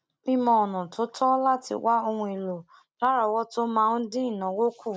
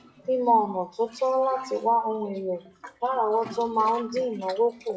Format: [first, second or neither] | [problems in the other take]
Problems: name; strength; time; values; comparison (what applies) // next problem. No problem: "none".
first | noise reduction (classical method WPE with log-MMSE)